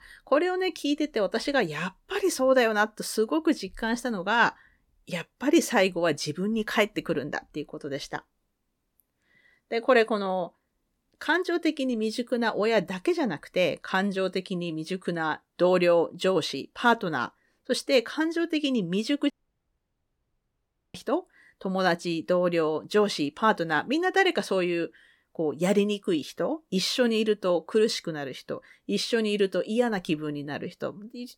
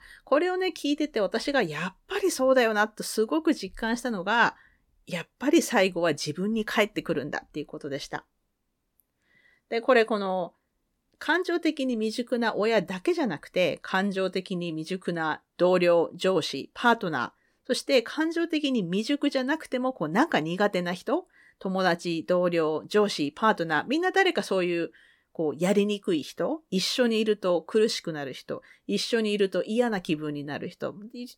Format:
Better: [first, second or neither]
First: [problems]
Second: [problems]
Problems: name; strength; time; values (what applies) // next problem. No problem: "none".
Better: second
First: audio cutting out; at 19 s for 1.5 s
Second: none